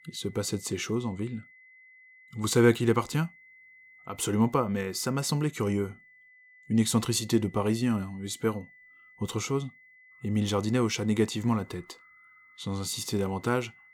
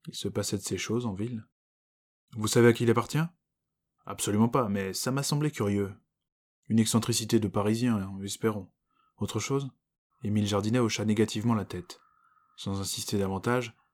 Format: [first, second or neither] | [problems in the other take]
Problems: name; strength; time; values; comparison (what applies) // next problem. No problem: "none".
second | high-pitched whine; faint; throughout; 2 kHz, 25 dB below the speech